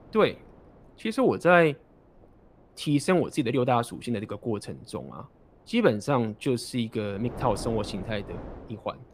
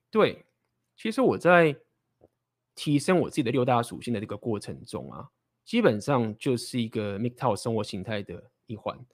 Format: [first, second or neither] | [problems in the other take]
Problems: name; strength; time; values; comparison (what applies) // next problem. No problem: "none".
second | wind noise on the microphone; occasional gusts; 20 dB below the speech